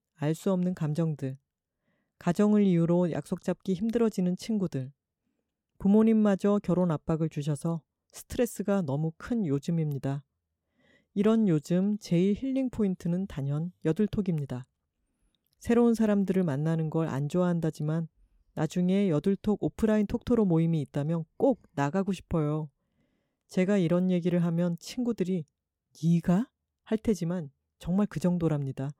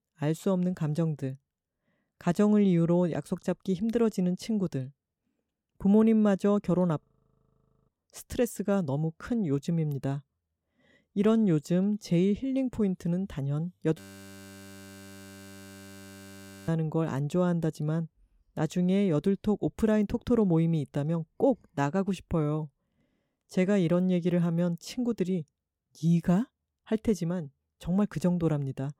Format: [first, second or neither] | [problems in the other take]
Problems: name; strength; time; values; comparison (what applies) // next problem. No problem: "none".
first | audio freezing; at 7 s for 1 s and at 14 s for 2.5 s